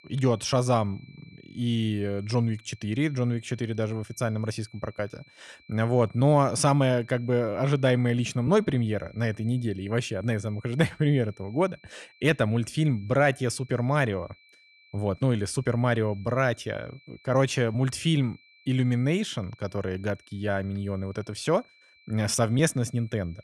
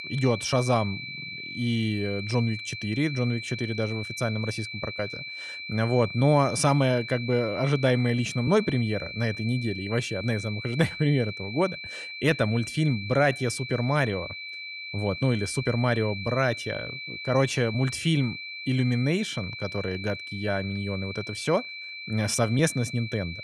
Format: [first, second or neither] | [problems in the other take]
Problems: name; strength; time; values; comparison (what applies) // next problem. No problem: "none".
first | high-pitched whine; loud; throughout; 2.5 kHz, 8 dB below the speech; faint in the first